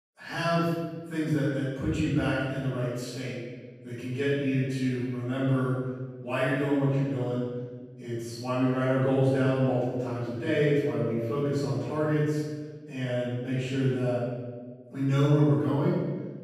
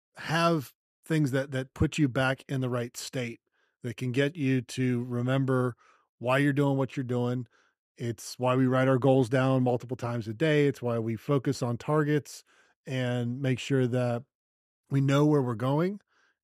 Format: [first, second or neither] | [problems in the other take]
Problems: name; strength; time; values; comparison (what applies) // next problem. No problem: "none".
second | off-mic speech; far // room echo; strong; dies away in 1.3 s